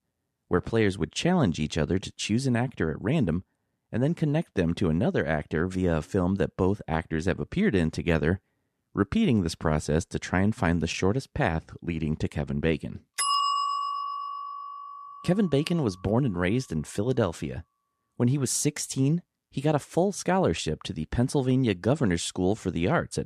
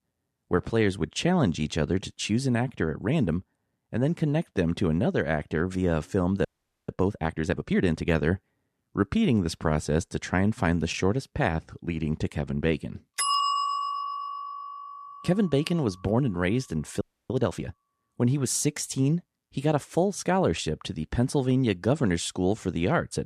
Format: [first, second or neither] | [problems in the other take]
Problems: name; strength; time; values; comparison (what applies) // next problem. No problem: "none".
first | audio freezing; at 6.5 s and at 17 s